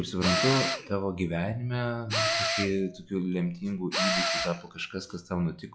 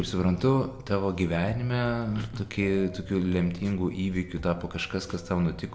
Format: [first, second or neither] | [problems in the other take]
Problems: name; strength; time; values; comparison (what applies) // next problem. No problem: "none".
second | noise reduction (classical method log-MMSE)